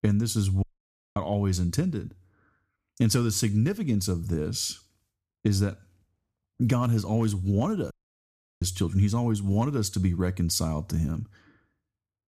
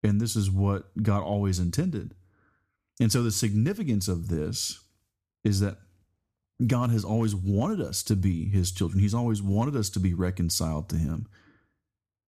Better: second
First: audio cutting out; at 0.5 s for 0.5 s and at 8 s for 0.5 s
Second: none

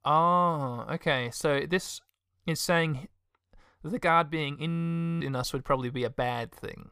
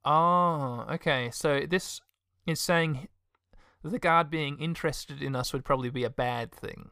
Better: second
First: audio freezing; at 4.5 s for 0.5 s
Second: none

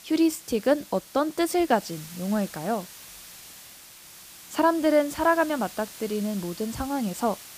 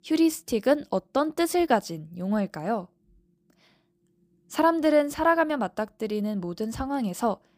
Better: second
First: hiss; noticeable; throughout; 15 dB below the speech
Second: none

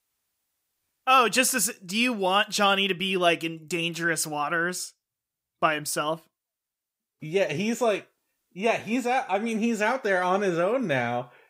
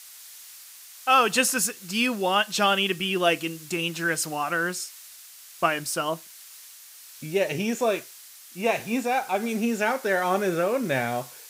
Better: first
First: none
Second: hiss; noticeable; throughout; 20 dB below the speech

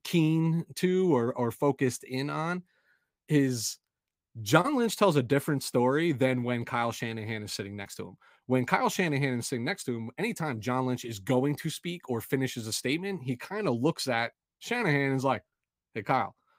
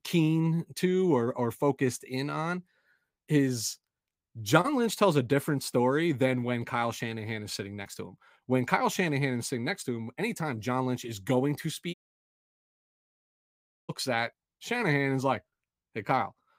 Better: first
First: none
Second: audio cutting out; at 12 s for 2 s

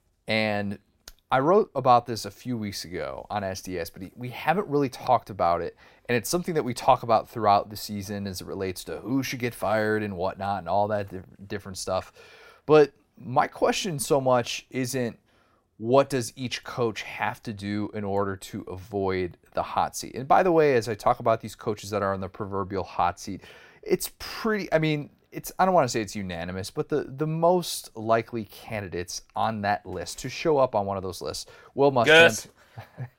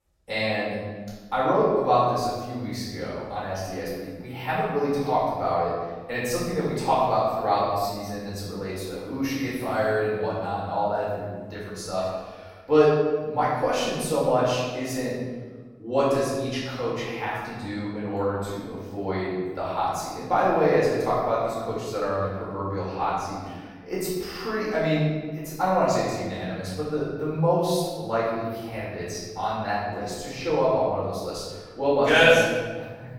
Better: first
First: none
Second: off-mic speech; far // room echo; strong; dies away in 1.3 s

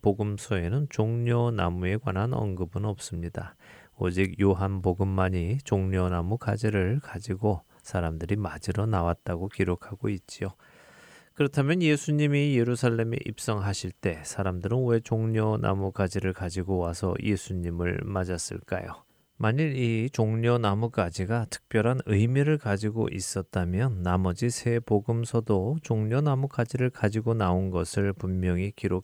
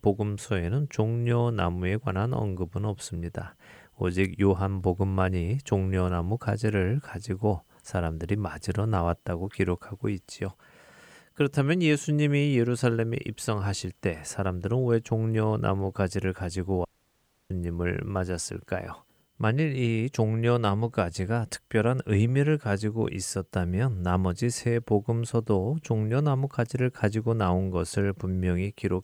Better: first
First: none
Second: audio cutting out; at 17 s for 0.5 s

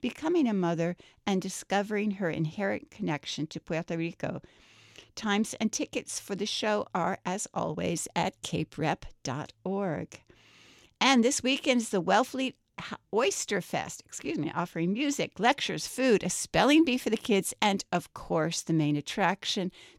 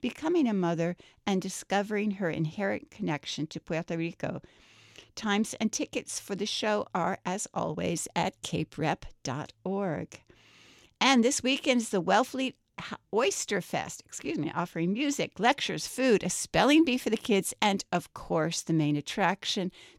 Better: neither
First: none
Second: none

